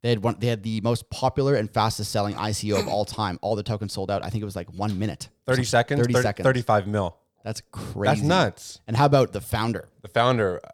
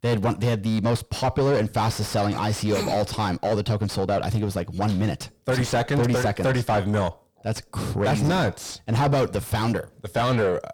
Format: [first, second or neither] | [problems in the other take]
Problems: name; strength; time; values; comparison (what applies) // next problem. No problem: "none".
first | distortion; heavy; 5 dB below the speech